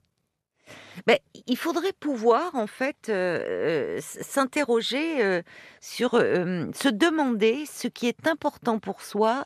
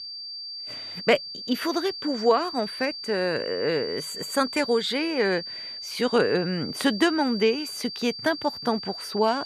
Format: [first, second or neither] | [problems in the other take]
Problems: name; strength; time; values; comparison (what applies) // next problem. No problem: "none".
first | high-pitched whine; loud; throughout; 4.5 kHz, 8 dB below the speech